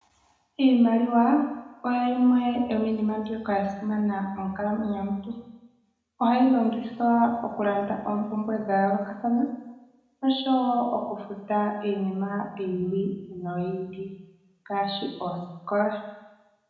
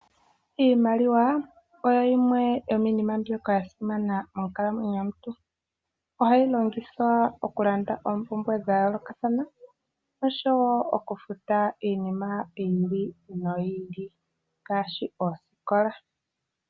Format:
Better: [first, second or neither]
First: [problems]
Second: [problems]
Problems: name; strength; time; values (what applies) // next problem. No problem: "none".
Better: second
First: room echo; dies away in 0.9 s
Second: none